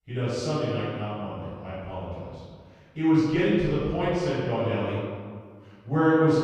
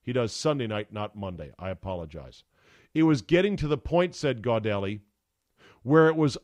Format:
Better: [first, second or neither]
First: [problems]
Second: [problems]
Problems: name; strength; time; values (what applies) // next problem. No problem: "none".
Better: second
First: room echo; strong; dies away in 1.6 s // off-mic speech; far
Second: none